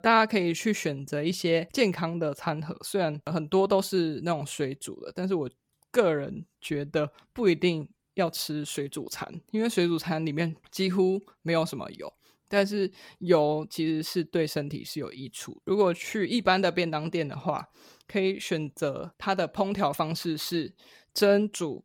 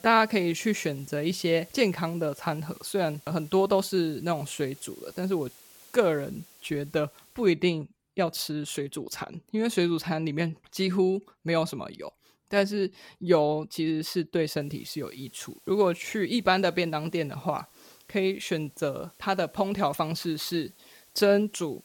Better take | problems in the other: first | hiss; faint; until 7.5 s and from 15 s on; 25 dB below the speech

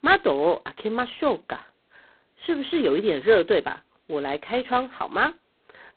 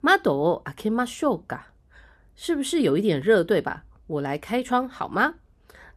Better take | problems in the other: second | phone-call audio; poor line; nothing above 4 kHz

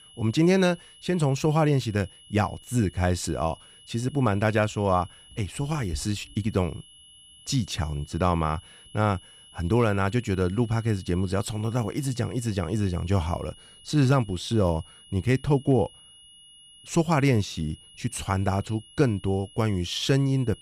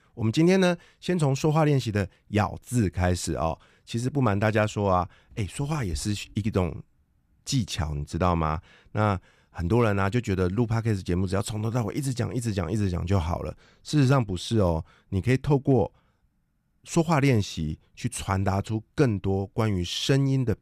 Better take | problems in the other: second | high-pitched whine; faint; throughout; 3 kHz, 25 dB below the speech

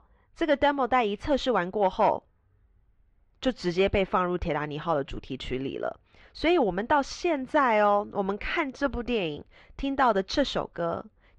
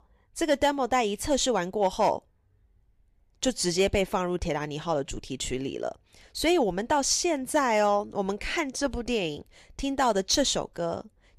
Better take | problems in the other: second | muffled; slightly; fading above 3.5 kHz

